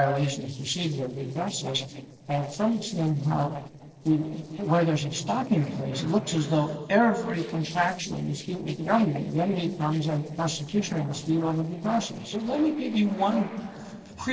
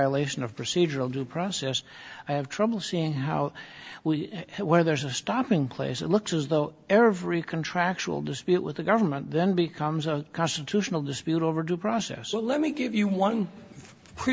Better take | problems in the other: second | noise reduction (neural separator model SepFormer DNS4)

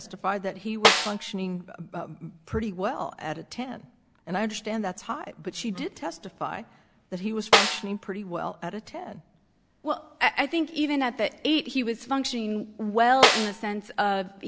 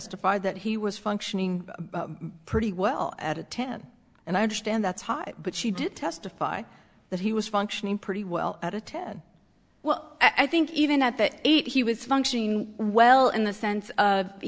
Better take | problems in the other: second | background sound (Snare drum); 3 dB above the speech

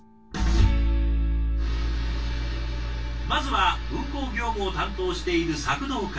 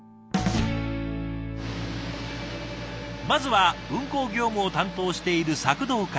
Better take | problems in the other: second | room echo; dies away in 0.1 s

